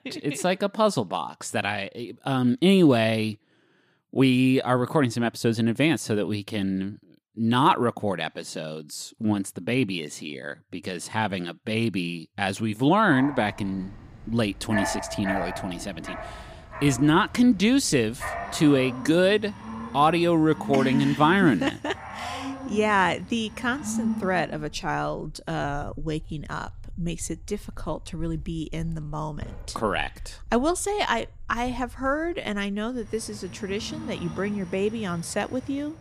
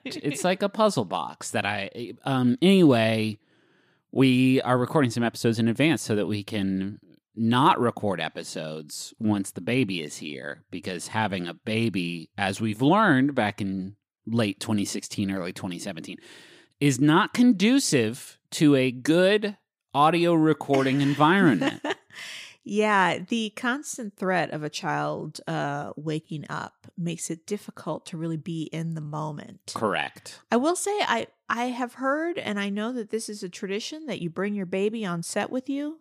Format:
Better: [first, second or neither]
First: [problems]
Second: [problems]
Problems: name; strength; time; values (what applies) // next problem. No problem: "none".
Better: second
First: animal sounds; noticeable; from 13 s on; 10 dB below the speech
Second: none